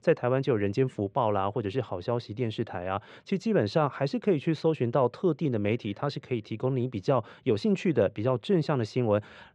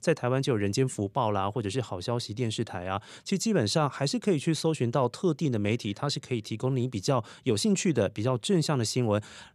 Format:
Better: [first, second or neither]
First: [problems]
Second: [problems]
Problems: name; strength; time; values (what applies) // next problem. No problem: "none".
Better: second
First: muffled; slightly; fading above 2.5 kHz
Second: none